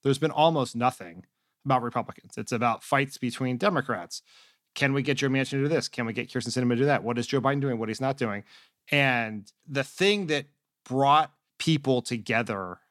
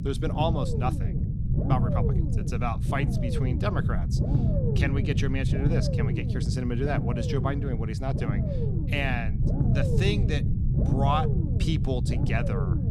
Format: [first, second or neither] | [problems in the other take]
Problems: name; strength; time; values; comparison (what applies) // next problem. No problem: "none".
first | low rumble; loud; throughout; 4 dB below the speech